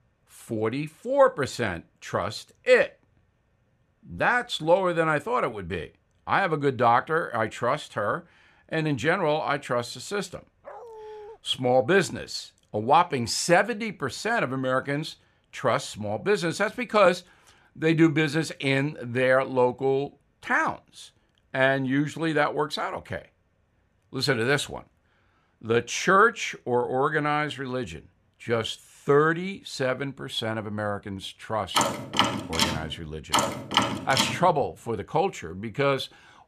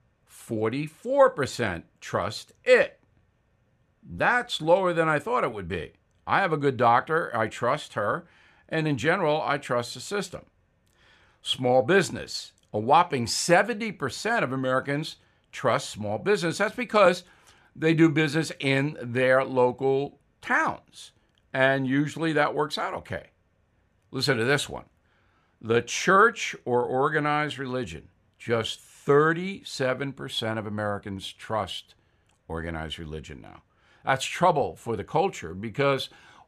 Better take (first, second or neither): second